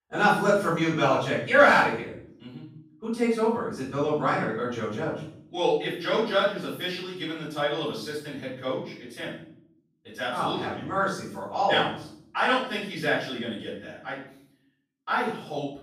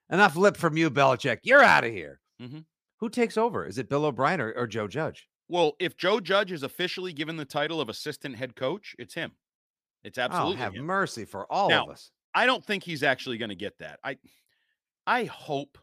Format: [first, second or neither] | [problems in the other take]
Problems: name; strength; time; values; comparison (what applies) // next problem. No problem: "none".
second | room echo; noticeable; dies away in 0.6 s // off-mic speech; far